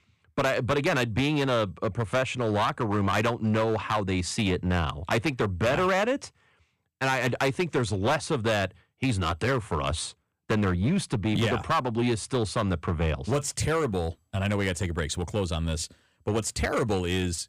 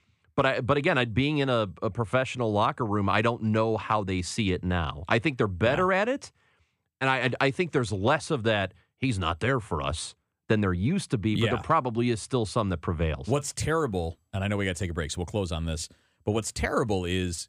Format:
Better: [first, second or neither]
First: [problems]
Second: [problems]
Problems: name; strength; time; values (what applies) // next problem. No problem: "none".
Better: second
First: distortion; slight; 9% of the sound clipped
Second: none